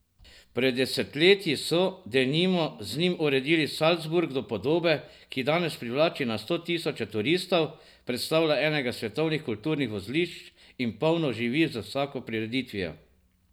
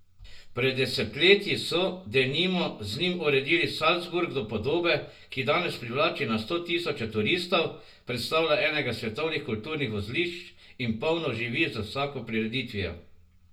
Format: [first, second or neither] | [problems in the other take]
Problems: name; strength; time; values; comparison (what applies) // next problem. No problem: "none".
first | room echo; dies away in 0.2 s